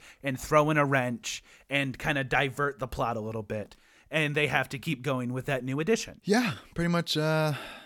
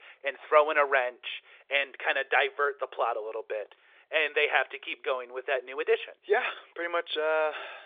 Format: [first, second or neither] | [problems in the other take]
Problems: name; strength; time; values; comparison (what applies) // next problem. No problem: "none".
first | phone-call audio; nothing above 3.5 kHz